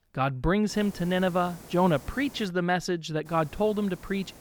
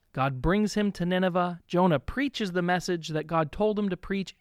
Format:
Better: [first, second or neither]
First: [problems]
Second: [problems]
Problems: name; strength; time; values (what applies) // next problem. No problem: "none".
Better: second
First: hiss; faint; from 0.5 to 2.5 s and from 3.5 s on; 20 dB below the speech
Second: none